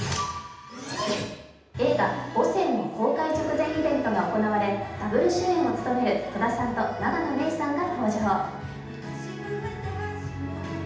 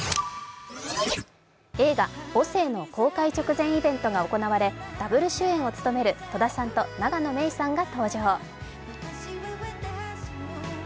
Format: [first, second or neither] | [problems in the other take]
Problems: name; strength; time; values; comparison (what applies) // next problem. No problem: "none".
second | room echo; dies away in 0.8 s